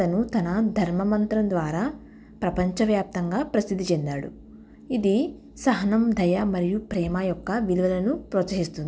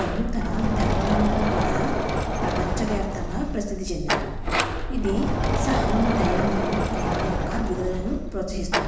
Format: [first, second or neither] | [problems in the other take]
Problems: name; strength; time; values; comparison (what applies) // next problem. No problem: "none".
first | background sound (Sliding door); 4 dB above the speech // room echo; dies away in 1 s